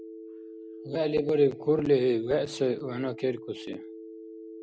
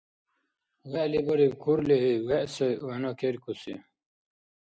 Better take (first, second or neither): second